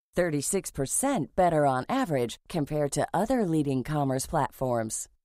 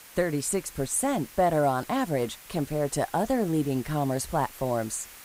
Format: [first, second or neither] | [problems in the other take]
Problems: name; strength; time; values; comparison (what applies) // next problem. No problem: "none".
first | hiss; noticeable; throughout; 20 dB below the speech